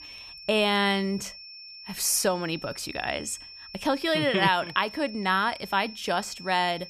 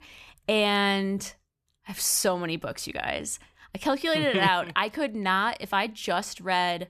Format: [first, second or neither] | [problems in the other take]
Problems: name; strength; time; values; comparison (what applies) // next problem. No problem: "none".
second | high-pitched whine; noticeable; throughout; 5.5 kHz, 15 dB below the speech